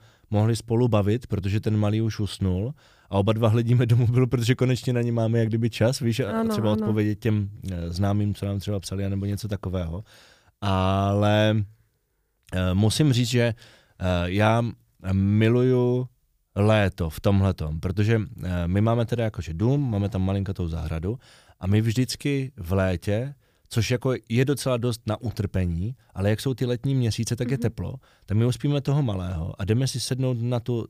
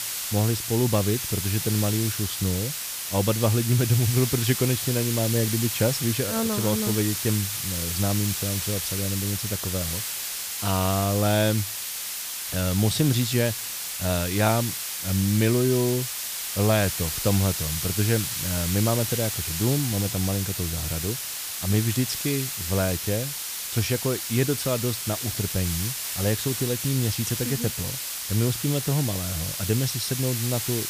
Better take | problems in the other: first | hiss; loud; throughout; 2 dB below the speech

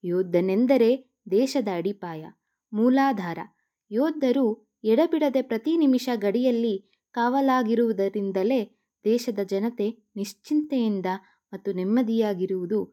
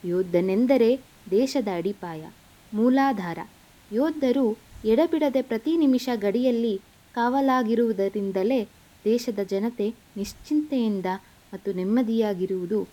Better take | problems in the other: first | hiss; faint; throughout; 30 dB below the speech

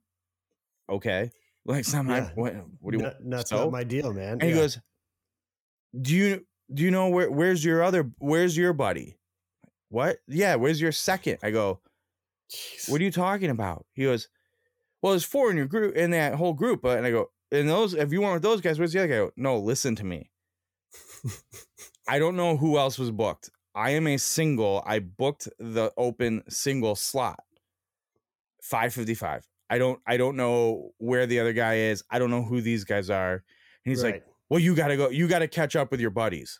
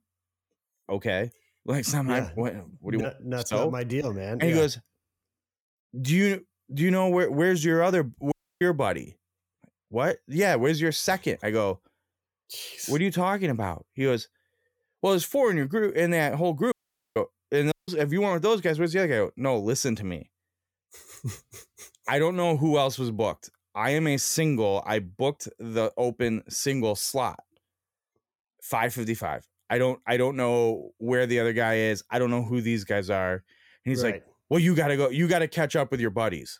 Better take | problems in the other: first | audio cutting out; at 8.5 s, at 17 s and at 18 s

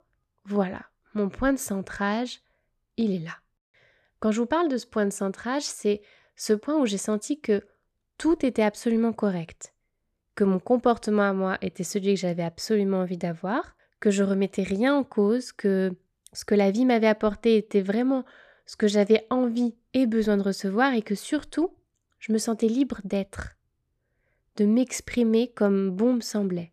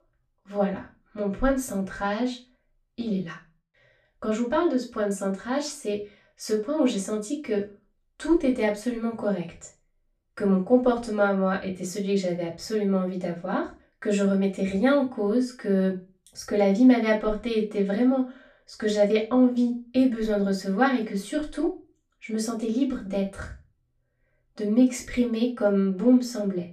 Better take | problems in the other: first | off-mic speech; far // room echo; very slight; dies away in 0.3 s

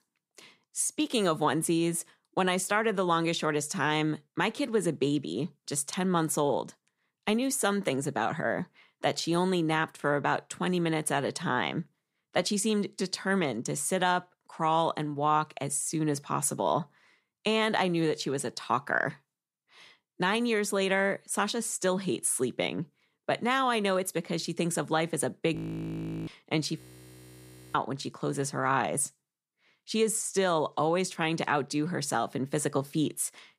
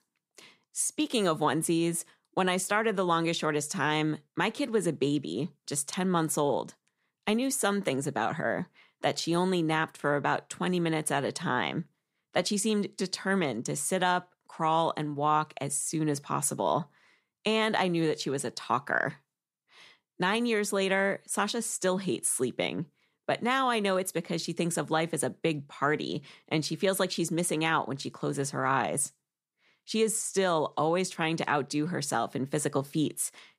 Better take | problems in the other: second | audio freezing; at 26 s for 0.5 s and at 27 s for 1 s

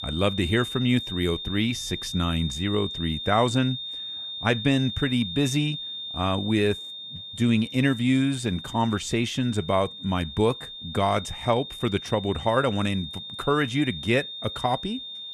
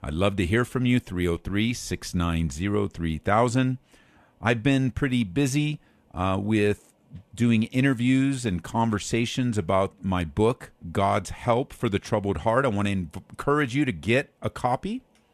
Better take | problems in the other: second | high-pitched whine; loud; throughout; 3.5 kHz, 8 dB below the speech

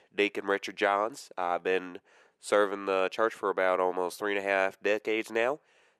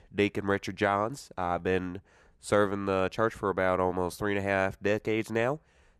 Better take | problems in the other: second | thin; somewhat; fading below 400 Hz

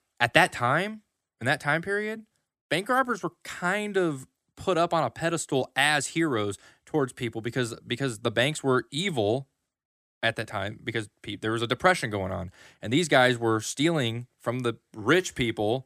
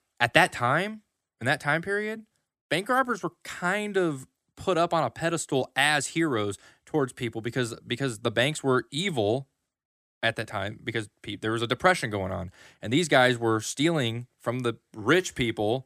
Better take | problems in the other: neither | none

